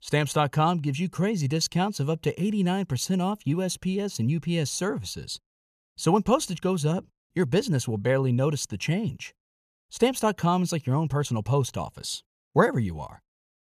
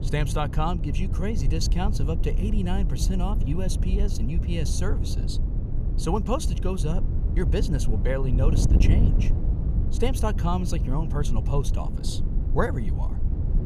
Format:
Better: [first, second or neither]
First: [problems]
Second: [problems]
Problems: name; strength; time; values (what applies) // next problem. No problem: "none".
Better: first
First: none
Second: wind noise on the microphone; heavy; 8 dB below the speech